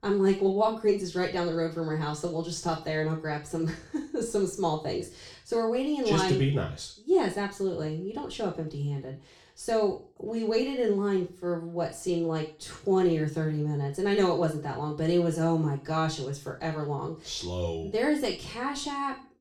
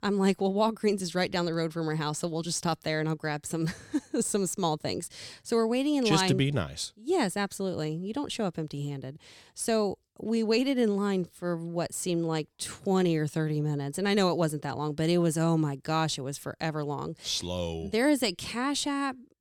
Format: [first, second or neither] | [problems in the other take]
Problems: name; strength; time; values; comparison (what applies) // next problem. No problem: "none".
second | room echo; slight; dies away in 0.4 s // off-mic speech; far